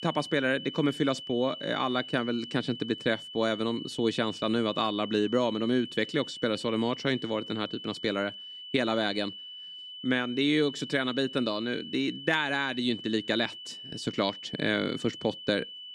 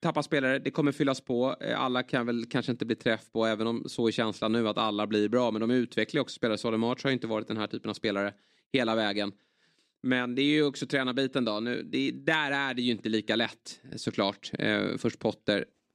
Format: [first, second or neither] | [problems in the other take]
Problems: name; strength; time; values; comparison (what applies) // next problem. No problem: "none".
second | high-pitched whine; noticeable; throughout; 3 kHz, 10 dB below the speech